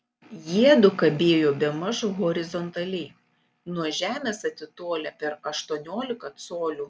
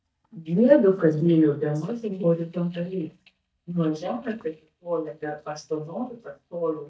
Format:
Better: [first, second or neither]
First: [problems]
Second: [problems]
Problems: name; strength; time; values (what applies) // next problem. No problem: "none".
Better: first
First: none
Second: noise reduction (neural mask model DeepFilterNet 3)